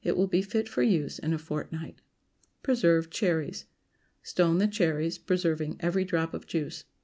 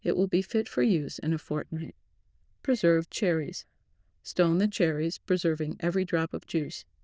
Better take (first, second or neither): first